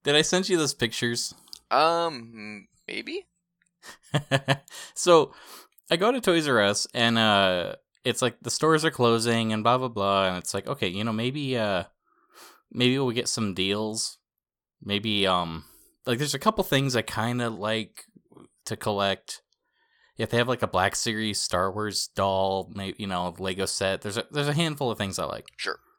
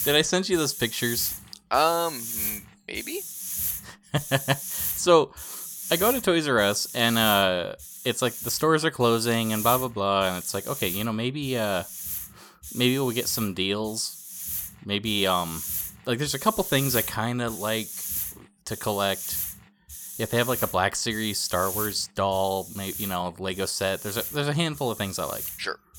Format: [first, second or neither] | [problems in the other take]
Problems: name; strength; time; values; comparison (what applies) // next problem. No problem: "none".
first | hiss; loud; throughout; 7 dB below the speech